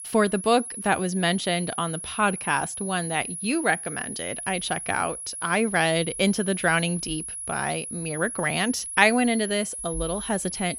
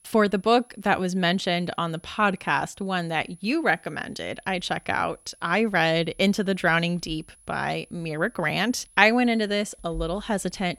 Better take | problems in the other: second | high-pitched whine; loud; throughout; 10.5 kHz, 7 dB below the speech; faint in the second

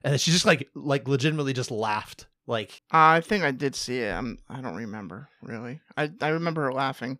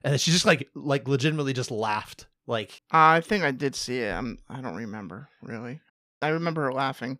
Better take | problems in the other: first | audio cutting out; at 6 s

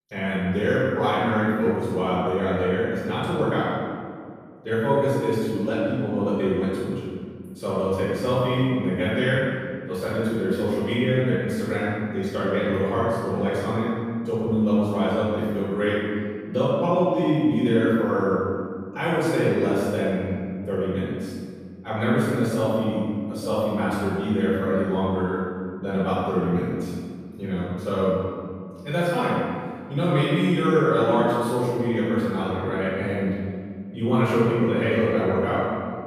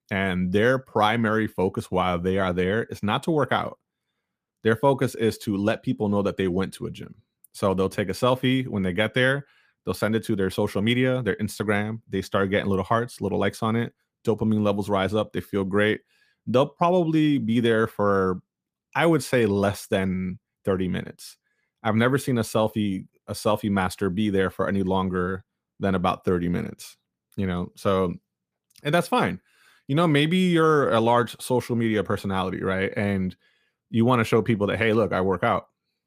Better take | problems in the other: second | off-mic speech; far // room echo; strong; dies away in 1.9 s

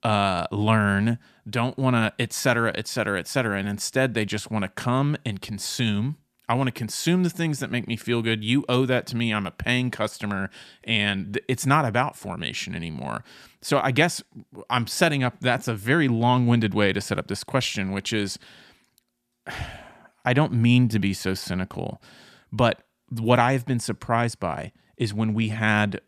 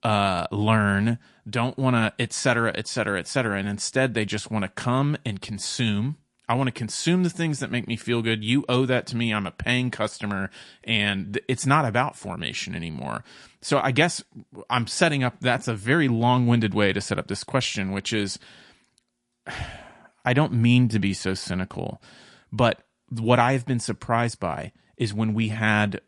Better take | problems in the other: first | garbled, watery; slightly; nothing above 9.5 kHz

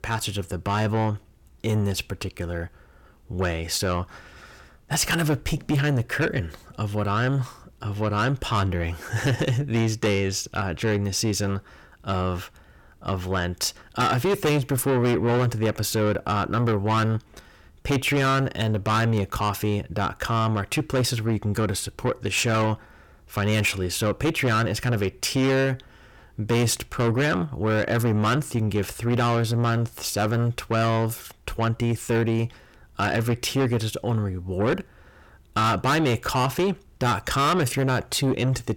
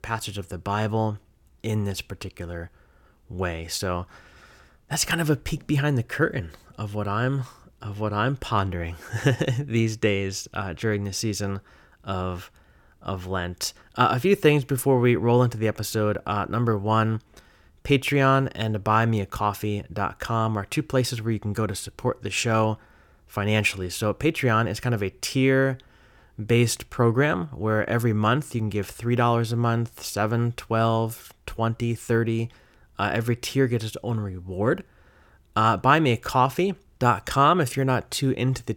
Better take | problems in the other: second | distortion; heavy; 7 dB below the speech

